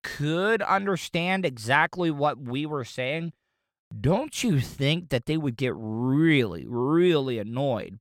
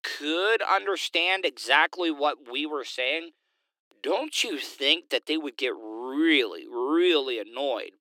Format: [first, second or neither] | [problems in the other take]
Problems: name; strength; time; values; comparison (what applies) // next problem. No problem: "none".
first | thin; somewhat; fading below 300 Hz